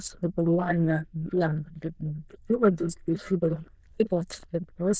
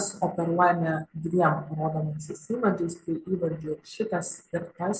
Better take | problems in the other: second | noise reduction (neural diffusion model UNIVERSE++)

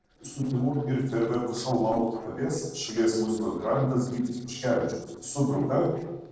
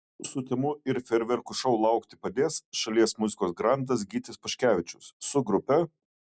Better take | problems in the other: second | noise reduction (neural separator model SepFormer DNS4)

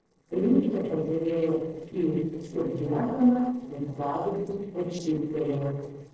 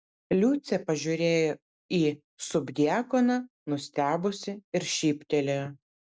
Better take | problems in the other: second | noise reduction (neural separator model SepFormer DNS4)

